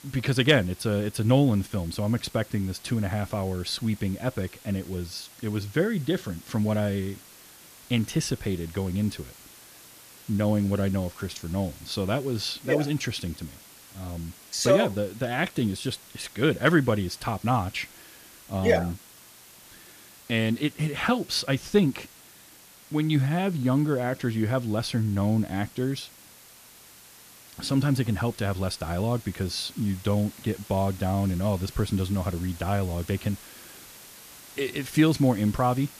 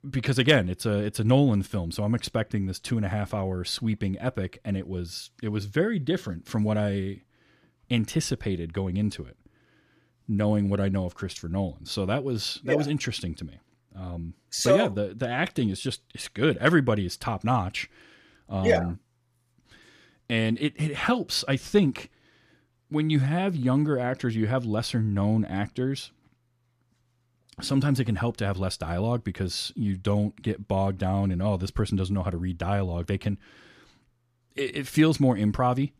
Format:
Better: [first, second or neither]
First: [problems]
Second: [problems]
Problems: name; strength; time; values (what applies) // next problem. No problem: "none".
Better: second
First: hiss; noticeable; throughout; 20 dB below the speech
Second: none